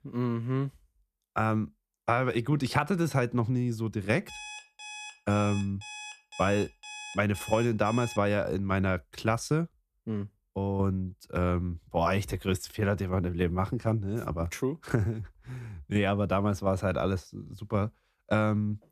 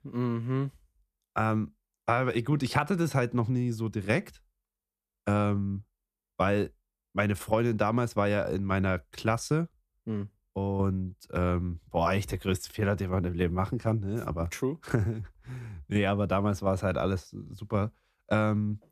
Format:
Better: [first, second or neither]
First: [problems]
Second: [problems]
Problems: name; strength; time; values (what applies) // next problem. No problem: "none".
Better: second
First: alarm; faint; from 4.5 to 8 s; peak 10 dB below the speech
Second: none